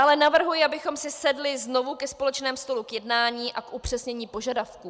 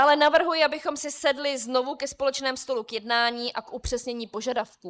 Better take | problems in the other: first | noise reduction (neural mask model Resemble Enhance denoiser)

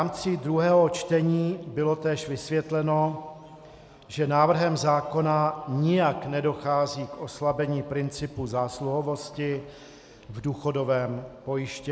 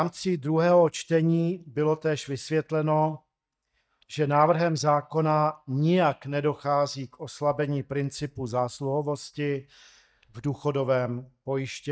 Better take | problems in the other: first | noise reduction (neural mask model DeepFilterNet 3)

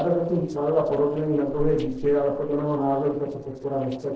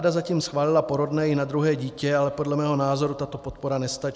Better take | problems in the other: second | noise reduction (neural separator model SepFormer DNS4)

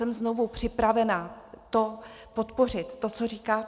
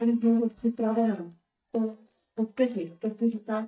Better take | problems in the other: first | noise reduction (neural mask model DeepFilterNet 3)

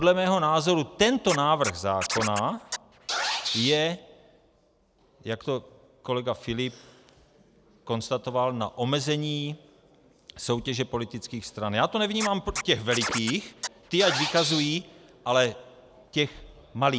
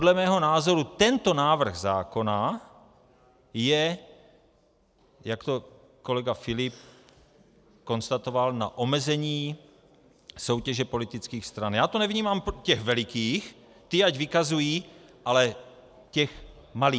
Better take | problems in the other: second | background sound (Scratching (performance technique)); 5 dB below the speech

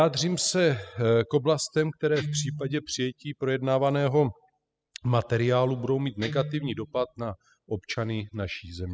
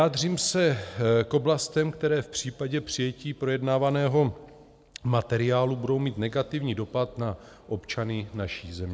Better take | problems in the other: second | noise reduction (classical method spectral subtraction)

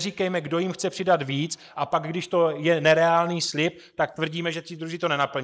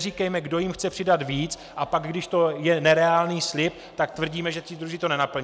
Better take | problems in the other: second | noise reduction (neural mask model Resemble Enhance denoiser)

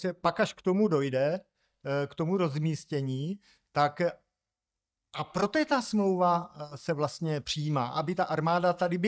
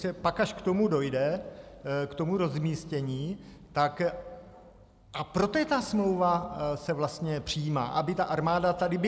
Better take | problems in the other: second | noise reduction (neural mask model DeepFilterNet 3)

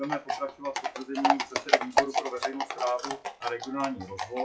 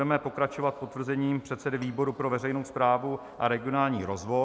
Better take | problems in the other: second | noise reduction (classical method WPE with log-MMSE)

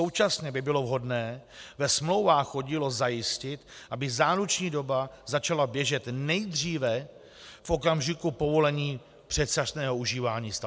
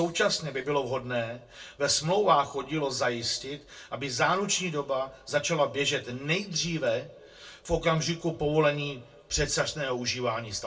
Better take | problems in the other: first | room echo; dies away in 0.2 s

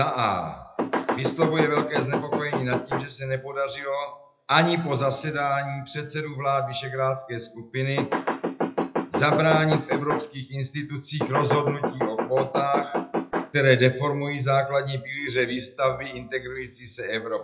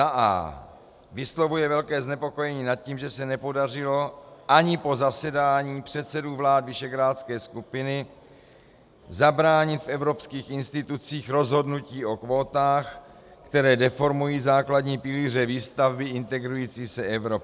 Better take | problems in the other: second | noise reduction (classical method WPE with log-MMSE)

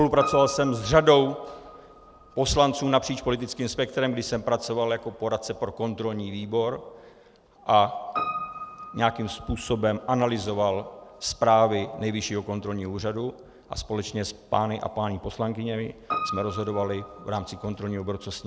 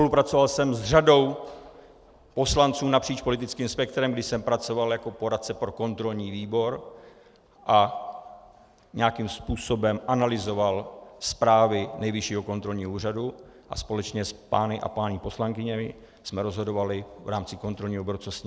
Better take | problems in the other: second | background sound (Piano); 14 dB below the speech

